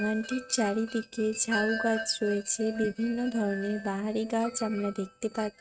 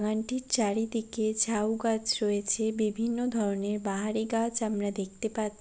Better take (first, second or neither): second